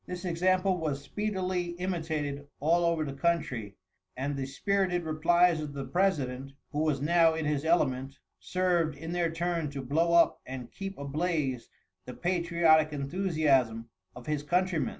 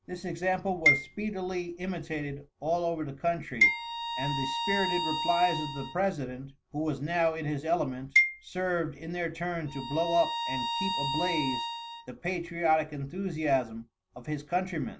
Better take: first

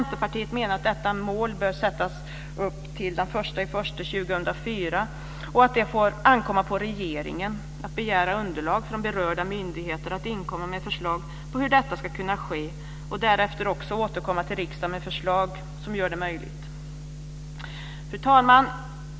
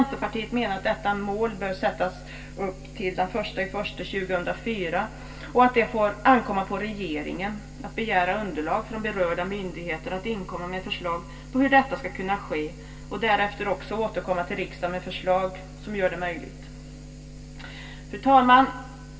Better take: first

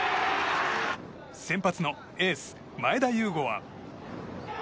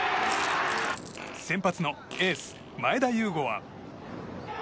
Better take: first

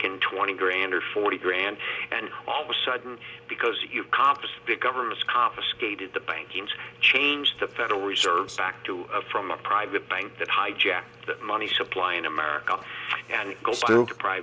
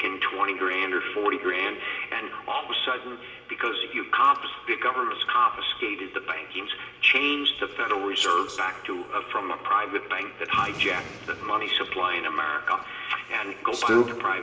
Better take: first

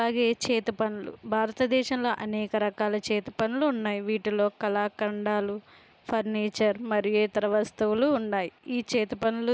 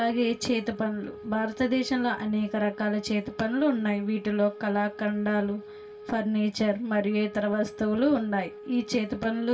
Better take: first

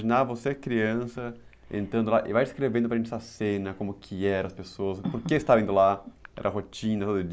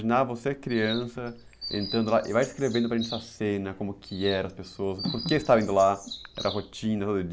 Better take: first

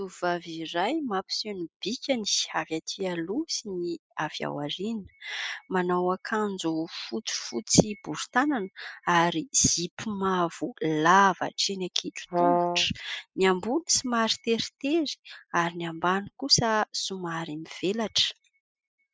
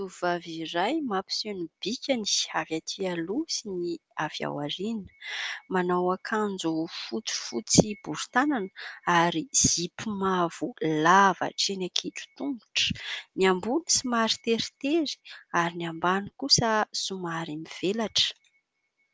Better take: second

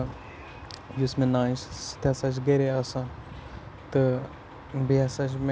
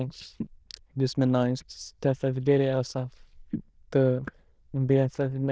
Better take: first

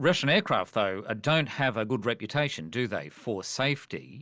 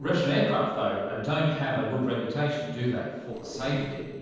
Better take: first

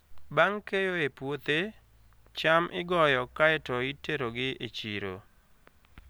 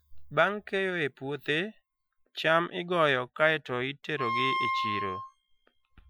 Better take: first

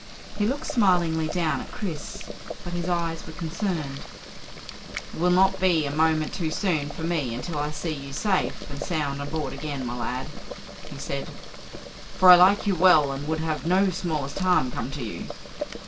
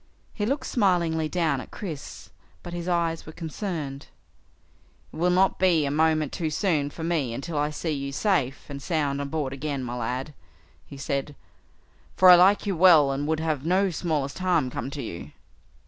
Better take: second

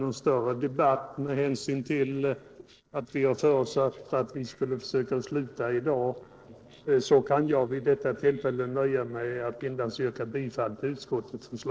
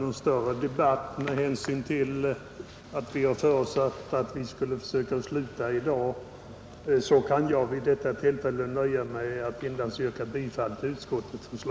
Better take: second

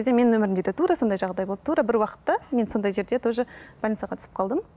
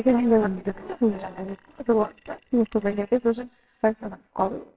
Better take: first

